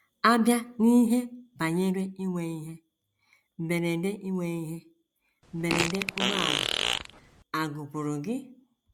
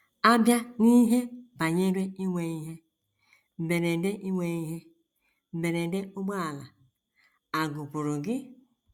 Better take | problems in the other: second | background sound (Fart); 1 dB below the speech

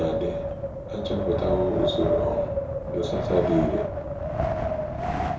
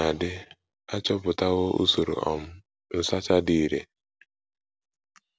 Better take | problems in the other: second | background sound (Wind); 2 dB above the speech // room echo; dies away in 0.5 s

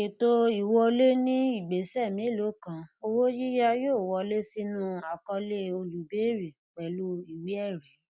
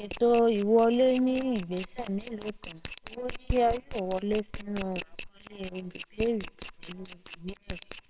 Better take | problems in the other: first | noise reduction (neural separator model SepFormer WHAMR!)

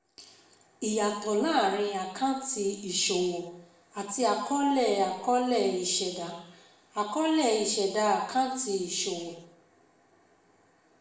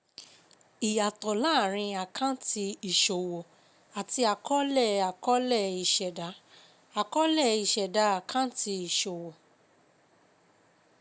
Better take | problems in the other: second | room echo; dies away in 0.8 s

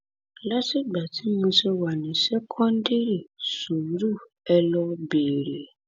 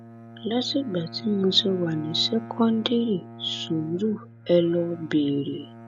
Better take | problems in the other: first | background sound (Bowed string instrument); 15 dB below the speech

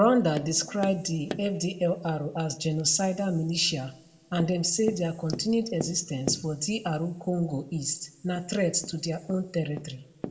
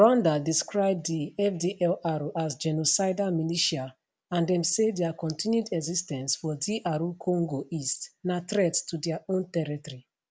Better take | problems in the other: second | background sound (Tap); 14 dB below the speech // room echo; dies away in 0.5 s

